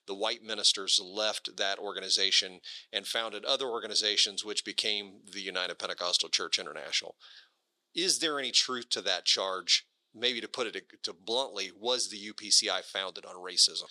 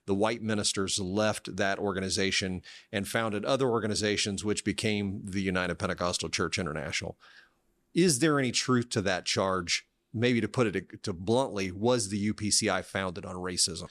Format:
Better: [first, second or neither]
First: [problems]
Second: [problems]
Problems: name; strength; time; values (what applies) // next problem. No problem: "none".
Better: second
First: thin; somewhat; fading below 500 Hz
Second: none